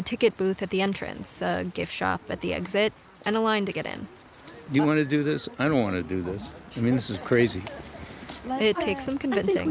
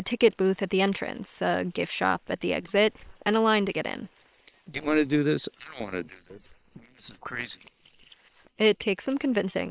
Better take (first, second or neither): first